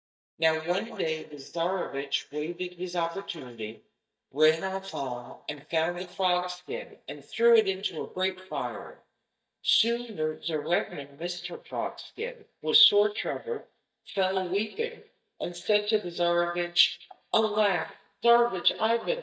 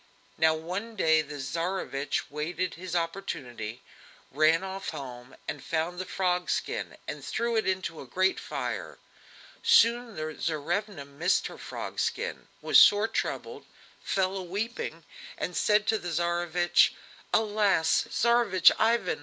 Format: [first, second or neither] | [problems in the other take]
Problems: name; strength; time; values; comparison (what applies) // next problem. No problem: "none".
second | noise reduction (neural mask model DeepFilterNet 3)